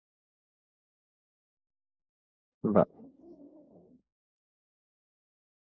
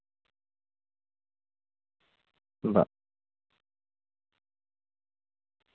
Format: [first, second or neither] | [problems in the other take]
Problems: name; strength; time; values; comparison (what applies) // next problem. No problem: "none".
second | noise reduction (neural mask model Resemble Enhance denoiser)